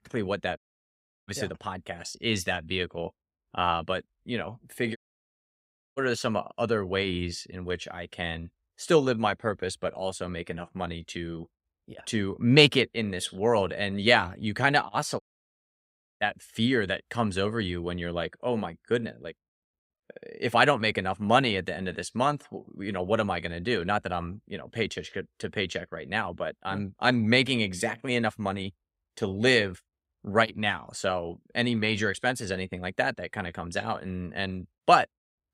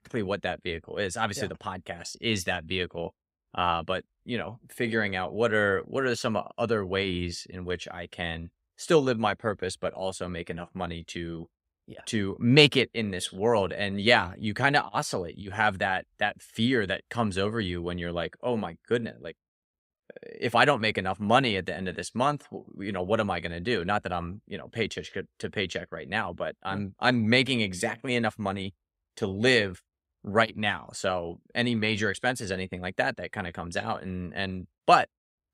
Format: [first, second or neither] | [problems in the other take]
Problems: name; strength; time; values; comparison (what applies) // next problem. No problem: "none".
second | audio cutting out; at 0.5 s for 0.5 s, at 5 s for 1 s and at 15 s for 1 s